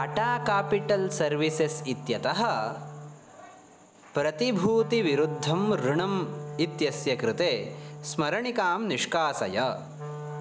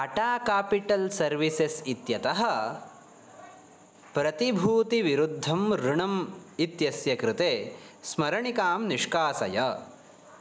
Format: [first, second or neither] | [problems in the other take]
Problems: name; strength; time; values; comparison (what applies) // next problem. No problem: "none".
second | background sound (Wind instrument, woodwind instrument); 11 dB below the speech